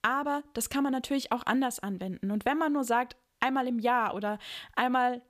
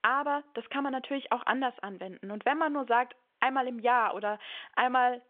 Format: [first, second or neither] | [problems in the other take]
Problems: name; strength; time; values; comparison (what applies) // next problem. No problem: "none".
first | phone-call audio; nothing above 3.5 kHz